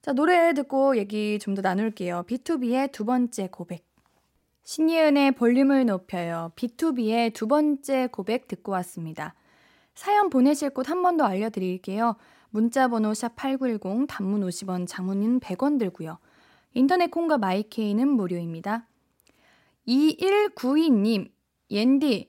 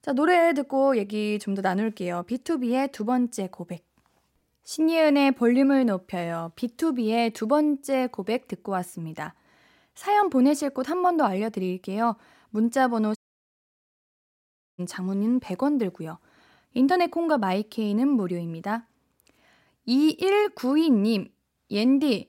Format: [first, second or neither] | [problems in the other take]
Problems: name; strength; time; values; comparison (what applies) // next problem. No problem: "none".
first | audio cutting out; at 13 s for 1.5 s